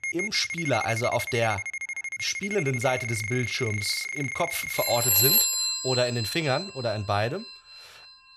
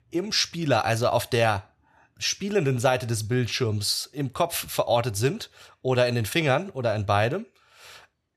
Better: second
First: alarms or sirens; very loud; throughout; 2 dB above the speech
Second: none

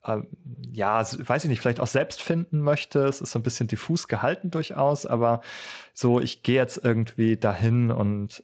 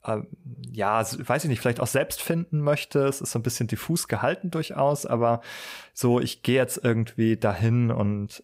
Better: second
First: garbled, watery; slightly; nothing above 7.5 kHz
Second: none

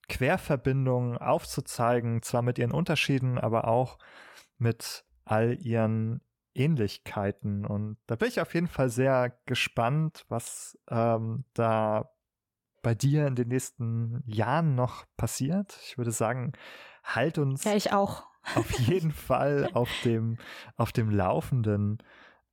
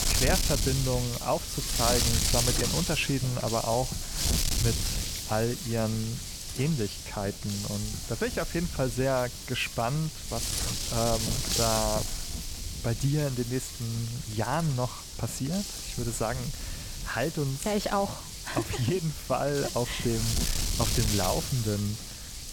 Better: first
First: none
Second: wind noise on the microphone; heavy; 1 dB below the speech

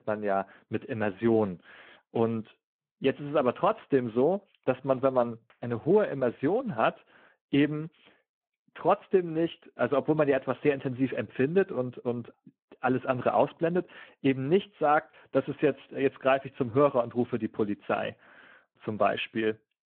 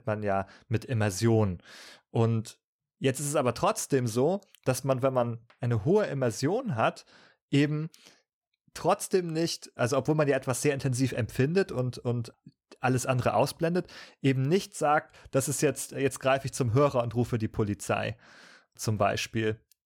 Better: second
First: phone-call audio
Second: none

